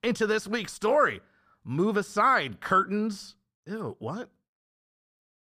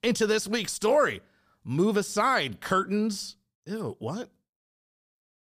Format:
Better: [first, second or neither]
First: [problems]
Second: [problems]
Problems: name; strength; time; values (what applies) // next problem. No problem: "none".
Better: second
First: muffled; slightly; fading above 3.5 kHz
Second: none